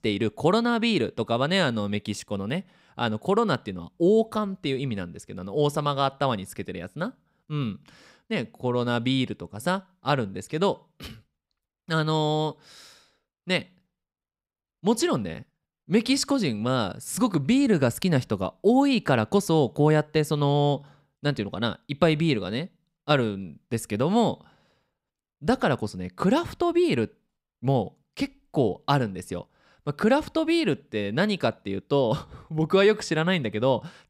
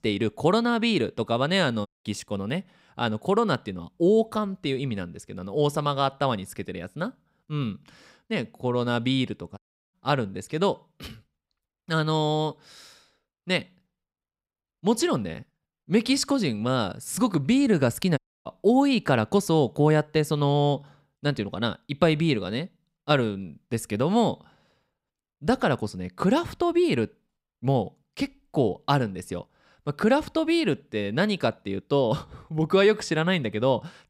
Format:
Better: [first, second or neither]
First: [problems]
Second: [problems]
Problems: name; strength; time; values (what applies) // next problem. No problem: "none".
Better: first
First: none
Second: audio cutting out; at 2 s, at 9.5 s and at 18 s